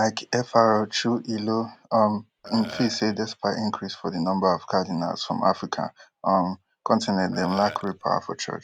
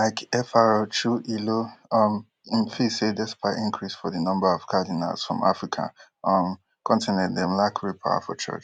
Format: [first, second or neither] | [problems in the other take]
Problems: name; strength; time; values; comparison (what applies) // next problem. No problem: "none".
second | background sound (Burping, eructation); 16 dB below the speech